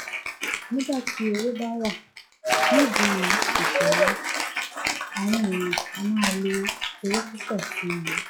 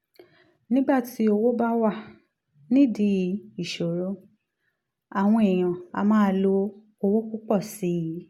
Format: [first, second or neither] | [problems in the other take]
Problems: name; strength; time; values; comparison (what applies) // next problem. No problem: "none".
second | noise reduction (classical method log-MMSE)